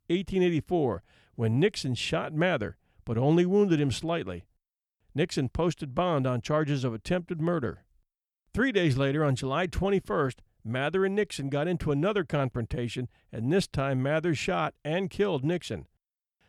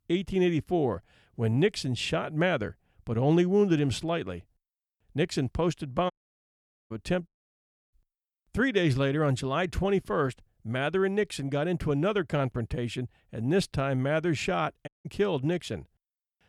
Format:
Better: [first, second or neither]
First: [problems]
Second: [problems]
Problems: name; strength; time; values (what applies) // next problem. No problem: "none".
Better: first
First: none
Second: audio cutting out; at 6 s for 1 s, at 7.5 s for 0.5 s and at 15 s